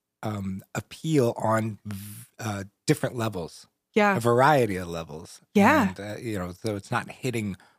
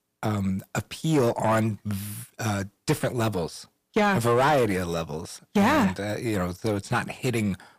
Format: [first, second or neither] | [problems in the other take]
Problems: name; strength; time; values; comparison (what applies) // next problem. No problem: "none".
first | distortion; heavy; 7 dB below the speech